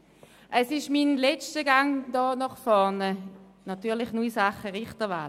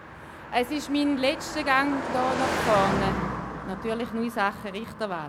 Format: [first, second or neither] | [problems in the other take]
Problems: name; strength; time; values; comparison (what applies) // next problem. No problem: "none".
first | background sound (Car passing by); 4 dB below the speech